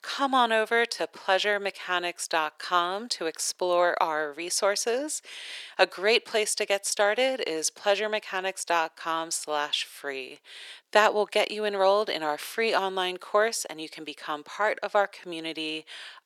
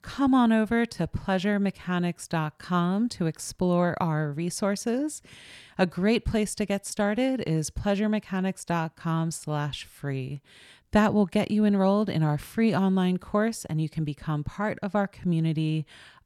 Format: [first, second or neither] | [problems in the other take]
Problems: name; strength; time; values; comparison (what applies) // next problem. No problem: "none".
second | thin; very; fading below 400 Hz